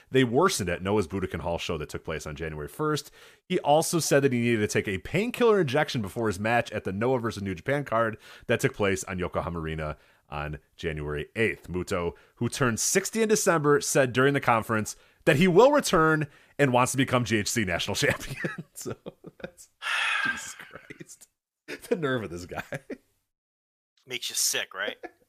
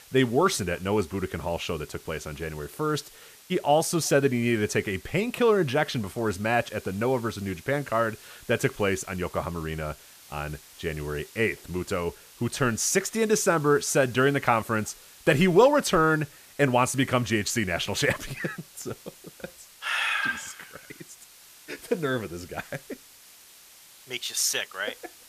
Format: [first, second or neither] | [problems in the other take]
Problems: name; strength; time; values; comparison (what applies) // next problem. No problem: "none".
first | hiss; faint; throughout; 20 dB below the speech